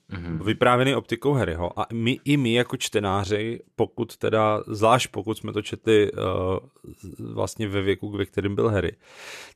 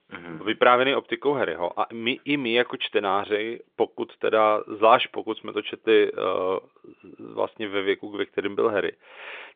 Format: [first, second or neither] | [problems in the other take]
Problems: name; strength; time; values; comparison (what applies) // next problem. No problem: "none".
first | phone-call audio; nothing above 3.5 kHz